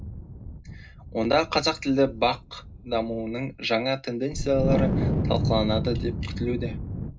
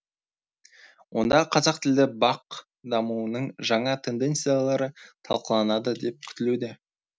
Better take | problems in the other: second | background sound (Wind); 3 dB below the speech // room echo; dies away in 0.2 s

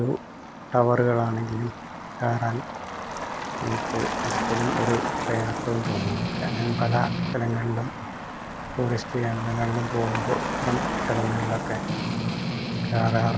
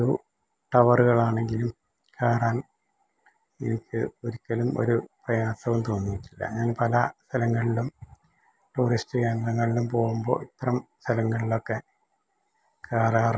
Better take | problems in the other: second | background sound (Strum + Motor vehicle (road)); 2 dB below the speech

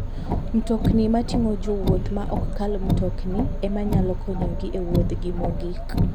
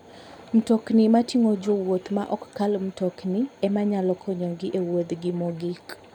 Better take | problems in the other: second | background sound (Car); 3 dB above the speech

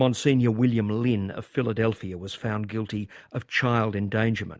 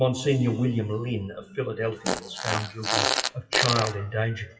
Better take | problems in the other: first | noise reduction (classical method WPE with log-MMSE)

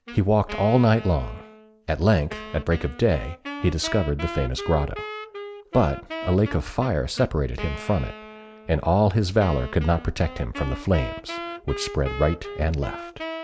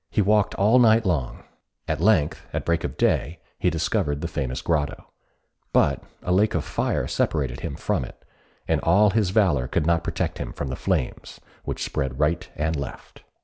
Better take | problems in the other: second | background sound (Wind instrument, woodwind instrument); 13 dB below the speech

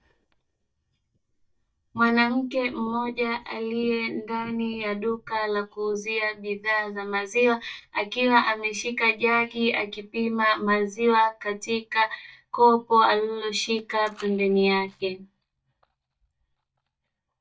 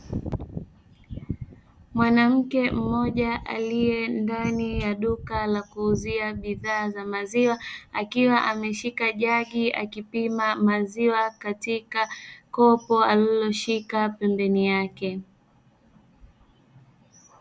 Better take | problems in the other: second | noise reduction (neural mask model DeepFilterNet 3)

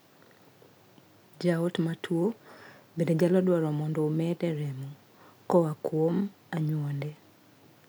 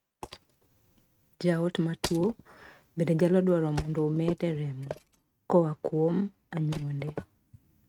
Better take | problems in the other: first | noise reduction (neural mask model RNNoise)

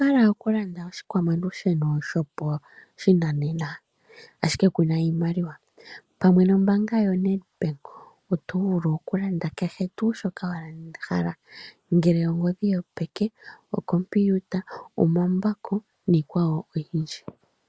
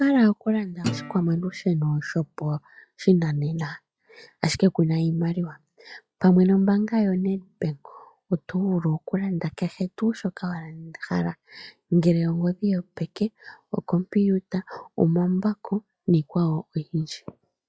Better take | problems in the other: first | noise reduction (classical method log-MMSE)

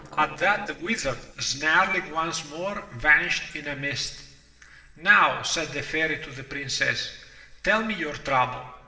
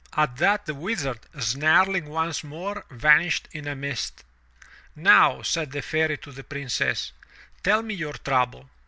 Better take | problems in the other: second | noise reduction (neural separator model SepFormer DNS4)

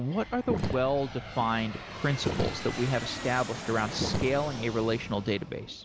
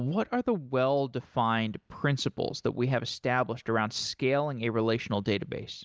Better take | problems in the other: second | background sound (Sink (filling or washing) + Aircraft); 6 dB below the speech

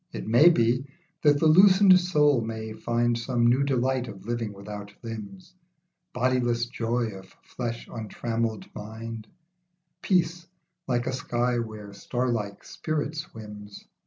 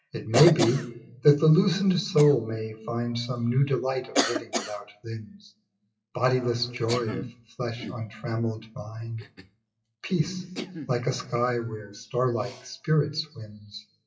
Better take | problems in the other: first | noise reduction (classical method WPE with log-MMSE)

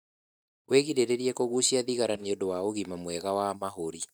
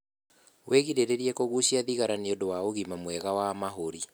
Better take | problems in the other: second | noise reduction (neural mask model DeepFilterNet 3)

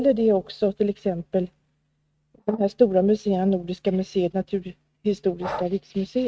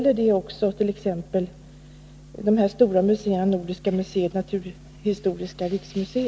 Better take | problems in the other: second | noise reduction (neural mask model RNNoise)

